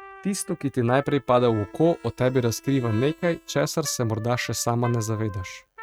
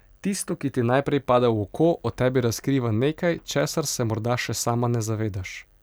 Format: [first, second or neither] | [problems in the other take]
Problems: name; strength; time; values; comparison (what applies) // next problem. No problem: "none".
second | noise reduction (neural mask model RNNoise)